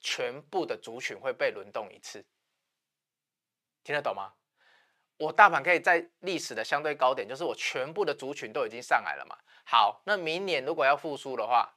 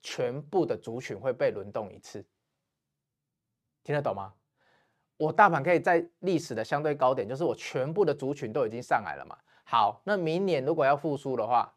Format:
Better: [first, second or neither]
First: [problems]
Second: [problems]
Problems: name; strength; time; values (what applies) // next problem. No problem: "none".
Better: second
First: thin; somewhat; fading below 1 kHz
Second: none